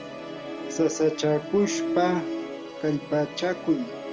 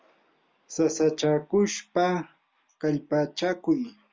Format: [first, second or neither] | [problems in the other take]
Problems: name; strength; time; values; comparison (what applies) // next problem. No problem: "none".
second | background sound (Musical instrument); 7 dB below the speech